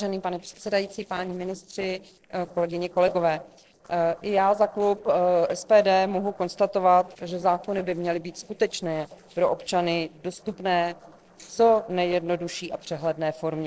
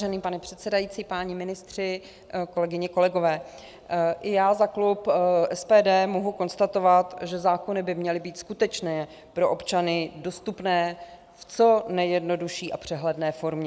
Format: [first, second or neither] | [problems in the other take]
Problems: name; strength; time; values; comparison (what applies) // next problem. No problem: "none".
second | noise reduction (neural separator model SepFormer DNS4)